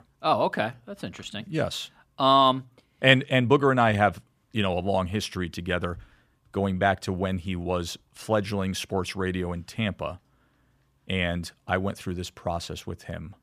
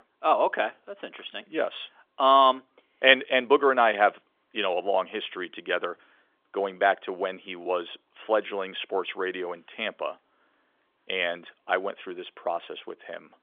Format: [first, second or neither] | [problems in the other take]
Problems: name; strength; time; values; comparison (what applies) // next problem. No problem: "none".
first | phone-call audio; nothing above 3.5 kHz